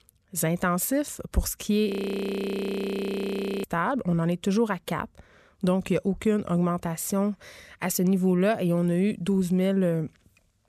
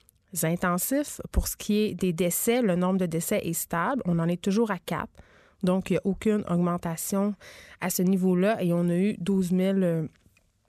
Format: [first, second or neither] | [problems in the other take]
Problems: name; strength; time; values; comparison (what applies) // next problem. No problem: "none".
second | audio freezing; at 2 s for 2 s